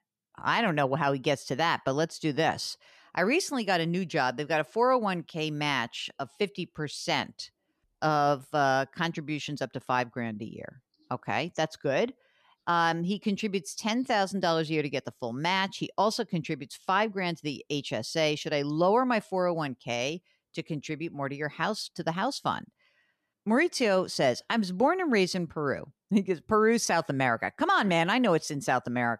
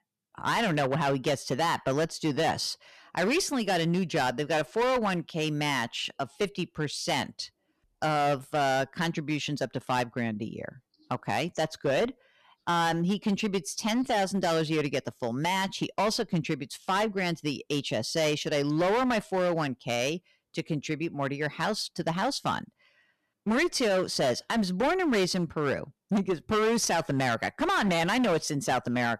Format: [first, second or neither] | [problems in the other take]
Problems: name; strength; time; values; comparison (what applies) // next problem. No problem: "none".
first | distortion; heavy; 12% of the sound clipped